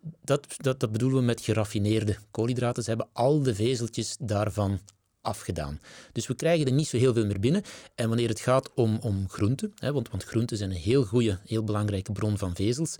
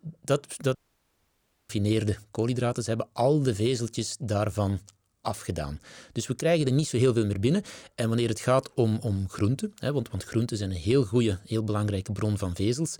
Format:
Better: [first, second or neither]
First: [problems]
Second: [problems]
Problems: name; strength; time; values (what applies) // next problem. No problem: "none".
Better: first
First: none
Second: audio cutting out; at 1 s for 1 s